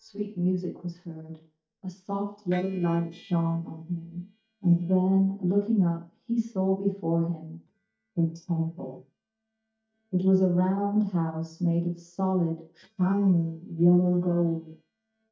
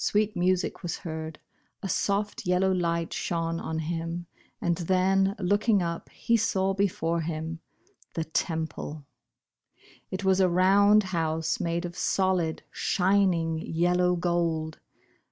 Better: second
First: noise reduction (neural mask model DeepFilterNet 3)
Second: none

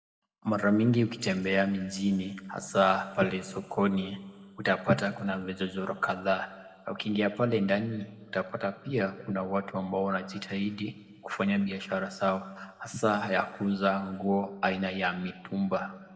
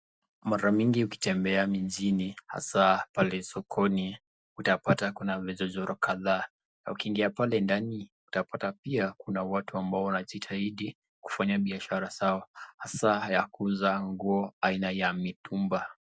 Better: second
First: room echo; dies away in 1.4 s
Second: none

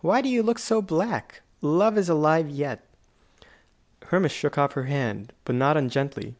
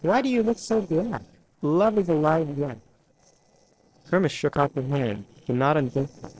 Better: first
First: none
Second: noise reduction (neural separator model SepFormer DNS4)

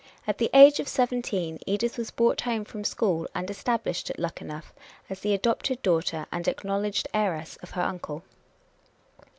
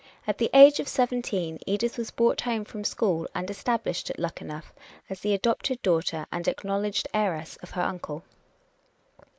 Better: first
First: none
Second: noise reduction (neural mask model Resemble Enhance denoiser)

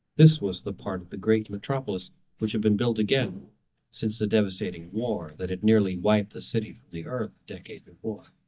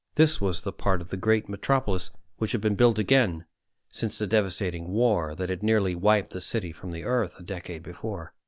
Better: second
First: noise reduction (neural mask model DeepFilterNet 3)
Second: none

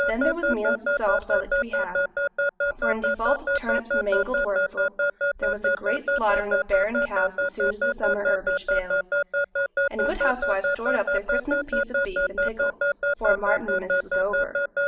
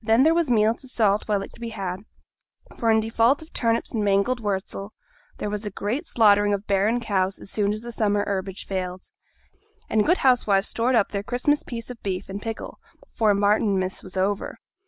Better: second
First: background sound (Alarm / Keyboard (musical)); 4 dB above the speech // room echo; dies away in 0.8 s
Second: none

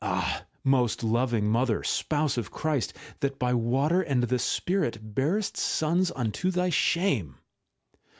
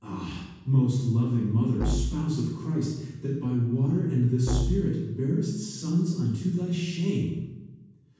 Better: first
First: none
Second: background sound (Musical instrument); 7 dB below the speech // room echo; dies away in 1.2 s

